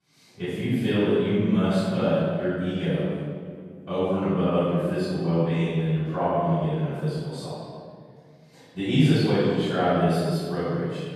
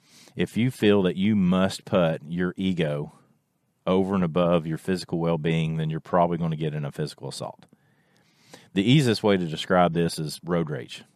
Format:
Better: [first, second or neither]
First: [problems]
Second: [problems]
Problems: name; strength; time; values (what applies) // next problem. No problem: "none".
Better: second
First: off-mic speech; far // room echo; strong; dies away in 2 s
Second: none